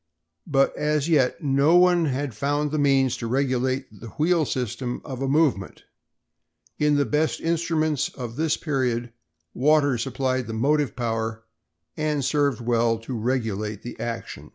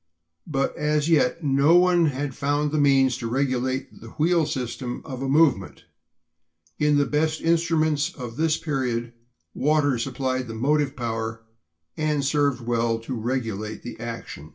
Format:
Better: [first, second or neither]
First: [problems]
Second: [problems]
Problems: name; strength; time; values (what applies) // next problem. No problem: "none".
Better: first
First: none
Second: room echo; dies away in 0.2 s